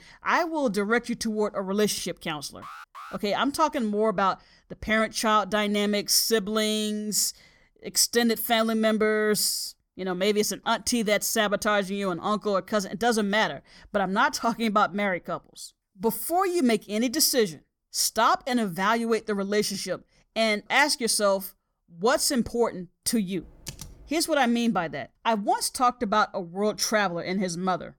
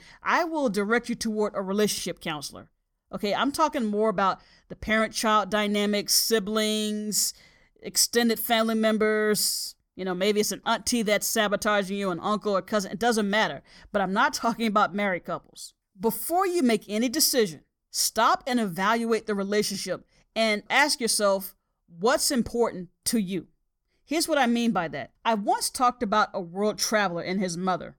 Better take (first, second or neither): second